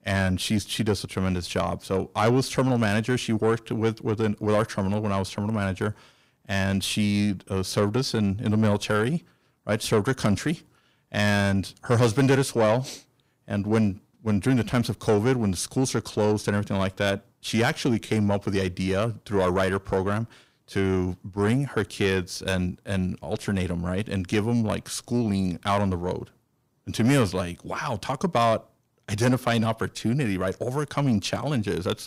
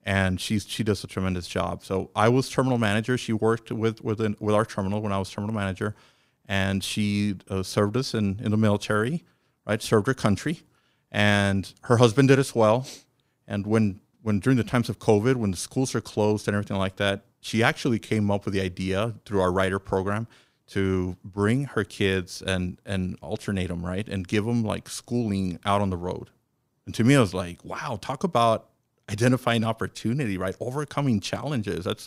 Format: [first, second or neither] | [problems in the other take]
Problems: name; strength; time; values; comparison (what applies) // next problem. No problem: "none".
second | distortion; slight; 10 dB below the speech